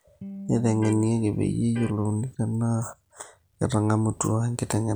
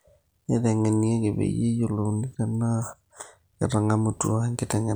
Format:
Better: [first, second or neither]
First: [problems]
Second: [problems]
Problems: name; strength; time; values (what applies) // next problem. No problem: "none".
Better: second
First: background sound (Electric guitar); 15 dB below the speech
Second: none